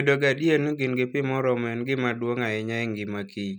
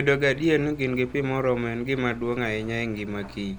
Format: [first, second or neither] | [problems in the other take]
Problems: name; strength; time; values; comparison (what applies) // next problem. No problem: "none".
first | background sound (Engine); 18 dB below the speech